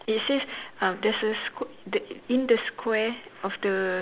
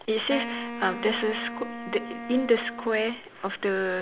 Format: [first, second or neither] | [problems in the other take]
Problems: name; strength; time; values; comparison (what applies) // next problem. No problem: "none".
first | background sound (Wind instrument, woodwind instrument); 10 dB below the speech